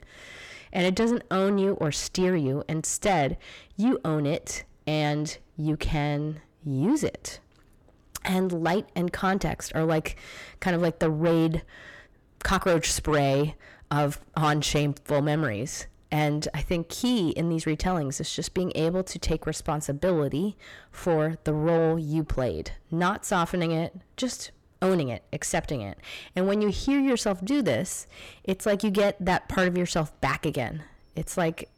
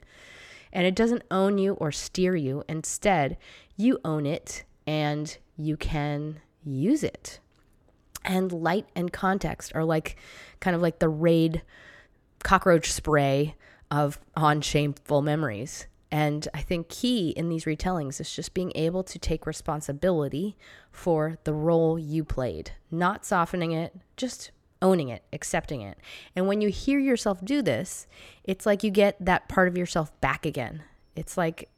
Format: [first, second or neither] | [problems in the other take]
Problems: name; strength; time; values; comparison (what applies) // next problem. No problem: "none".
second | distortion; slight; 10 dB below the speech